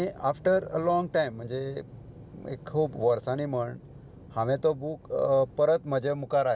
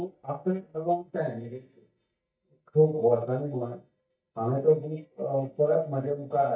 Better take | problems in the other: first | noise reduction (neural mask model DeepFilterNet 3)

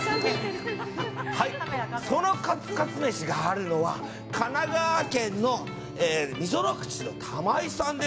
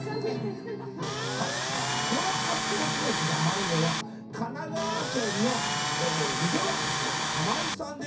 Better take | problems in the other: first | background sound (Tools); 2 dB above the speech // room echo; dies away in 0.3 s

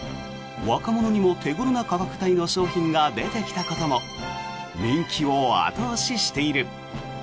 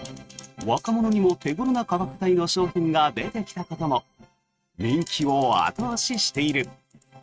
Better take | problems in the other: first | noise reduction (neural mask model RNNoise)

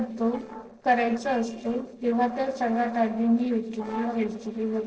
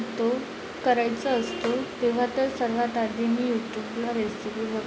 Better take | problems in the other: second | noise reduction (neural separator model SepFormer DNS4)

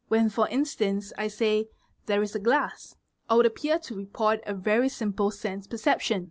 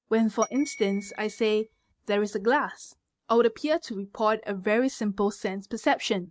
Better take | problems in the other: first | noise reduction (neural mask model RNNoise)

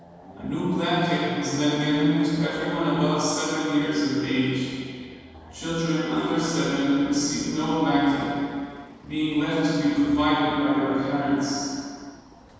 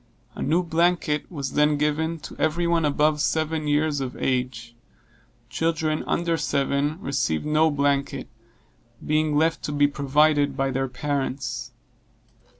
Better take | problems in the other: second | background sound (Chatter / Car passing by / Motorcycle / Traffic noise, roadway noise / Accelerating, revving, vroom); 17 dB below the speech // room echo; dies away in 2.1 s

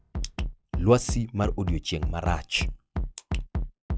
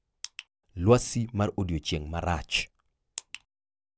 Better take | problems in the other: second | noise reduction (classical method log-MMSE)

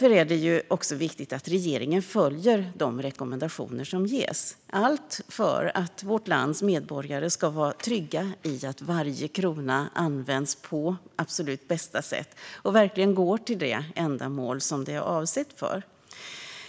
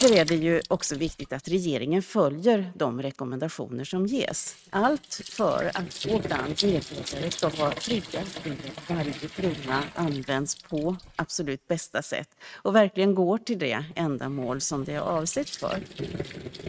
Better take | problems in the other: first | noise reduction (neural mask model RNNoise)

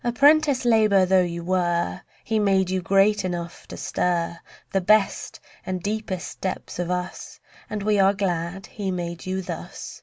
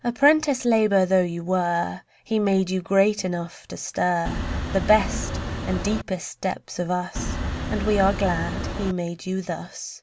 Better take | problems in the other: first | background sound (Wind); 4 dB below the speech

